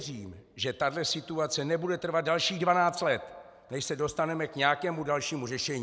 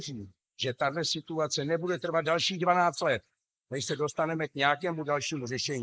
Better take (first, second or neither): first